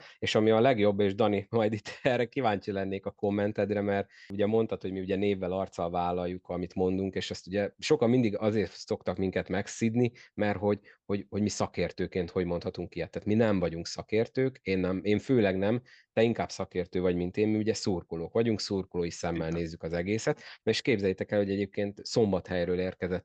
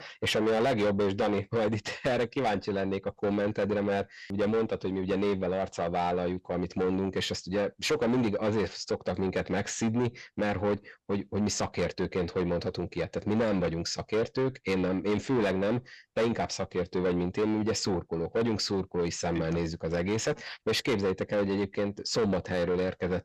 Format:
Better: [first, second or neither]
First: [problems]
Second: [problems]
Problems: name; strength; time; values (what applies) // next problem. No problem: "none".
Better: first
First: none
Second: distortion; heavy; 8 dB below the speech